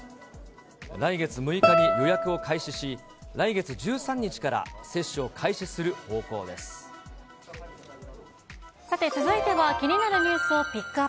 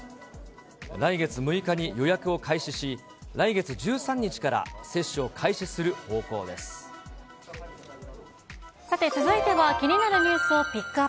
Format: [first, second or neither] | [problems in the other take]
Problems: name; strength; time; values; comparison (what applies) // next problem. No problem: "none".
second | background sound (Guitar); as loud as the speech